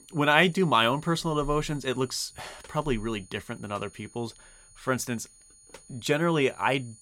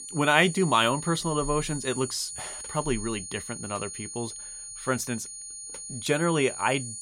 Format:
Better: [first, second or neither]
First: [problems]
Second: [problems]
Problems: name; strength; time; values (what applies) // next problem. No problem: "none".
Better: first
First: high-pitched whine; faint; throughout; 9 kHz, 25 dB below the speech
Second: high-pitched whine; loud; throughout; 9 kHz, 9 dB below the speech